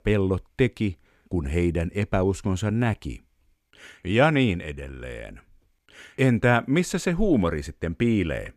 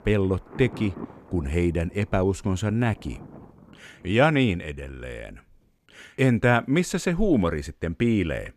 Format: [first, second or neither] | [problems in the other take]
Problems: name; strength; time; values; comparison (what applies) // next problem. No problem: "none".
first | rain or running water; faint; throughout; 20 dB below the speech